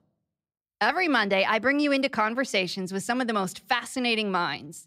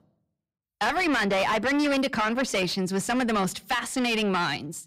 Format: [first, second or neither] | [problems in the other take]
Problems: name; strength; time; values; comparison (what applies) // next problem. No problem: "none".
first | distortion; heavy; 7 dB below the speech